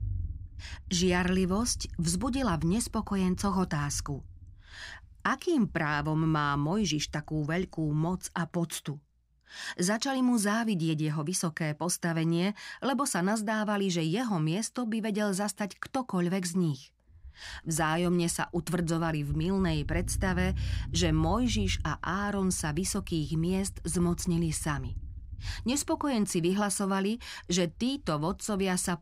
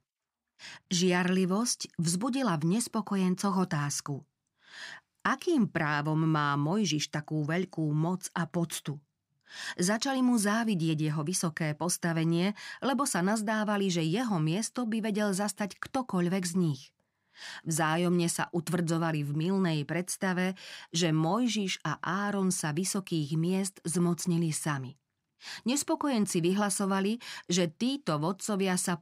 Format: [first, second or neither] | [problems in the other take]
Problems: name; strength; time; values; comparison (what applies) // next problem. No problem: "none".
second | low rumble; faint; throughout; 25 dB below the speech